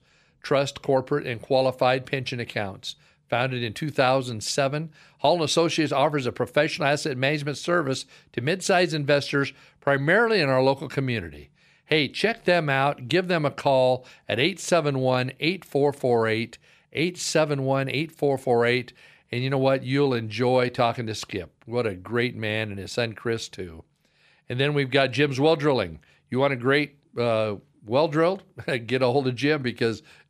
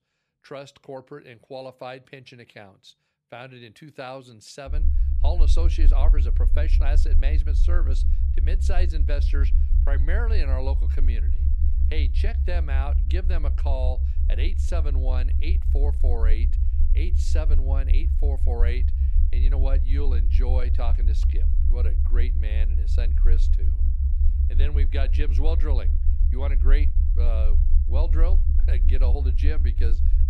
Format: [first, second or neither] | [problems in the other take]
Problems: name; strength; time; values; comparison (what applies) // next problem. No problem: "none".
first | low rumble; loud; from 4.5 s on; 7 dB below the speech